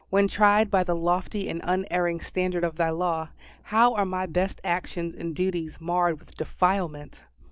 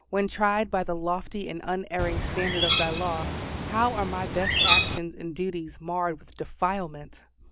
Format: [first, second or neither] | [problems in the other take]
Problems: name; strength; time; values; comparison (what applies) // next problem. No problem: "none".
first | background sound (Bird); 3 dB above the speech